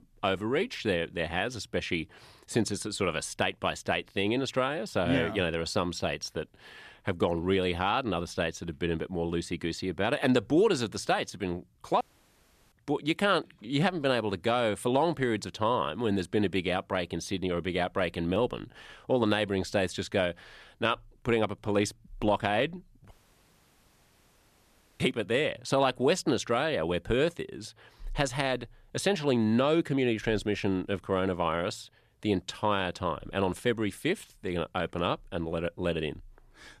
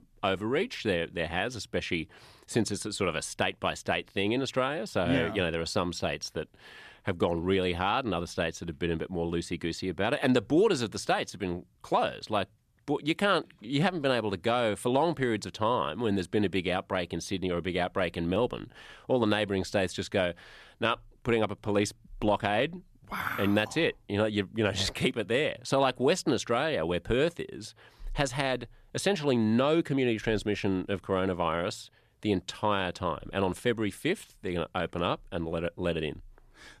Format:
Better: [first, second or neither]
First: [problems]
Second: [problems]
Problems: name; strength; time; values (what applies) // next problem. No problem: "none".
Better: second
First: audio cutting out; at 12 s for 0.5 s and at 23 s for 2 s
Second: none